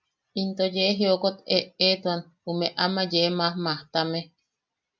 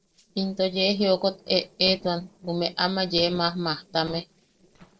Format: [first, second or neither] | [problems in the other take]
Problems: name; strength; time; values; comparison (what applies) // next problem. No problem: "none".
first | noise reduction (neural separator model SepFormer DNS4)